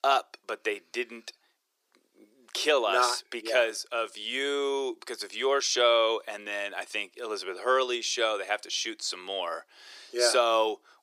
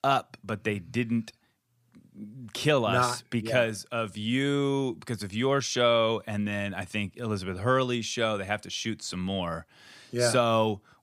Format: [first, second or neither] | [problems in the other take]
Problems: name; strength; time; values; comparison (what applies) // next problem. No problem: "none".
second | thin; very; fading below 350 Hz